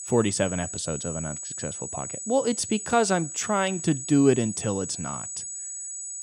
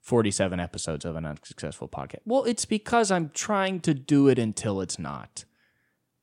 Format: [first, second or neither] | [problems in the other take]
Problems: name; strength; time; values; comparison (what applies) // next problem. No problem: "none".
second | high-pitched whine; loud; throughout; 8 kHz, 7 dB below the speech